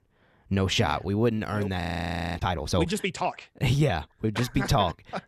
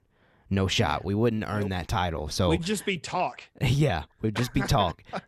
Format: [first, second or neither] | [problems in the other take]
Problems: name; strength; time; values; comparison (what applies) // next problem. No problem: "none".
second | audio freezing; at 2 s for 0.5 s